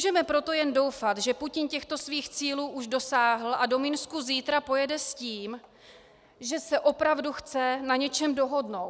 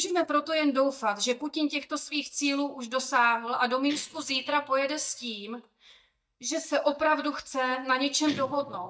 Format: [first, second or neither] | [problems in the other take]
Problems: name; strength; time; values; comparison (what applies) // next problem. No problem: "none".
first | noise reduction (neural mask model DeepFilterNet 3)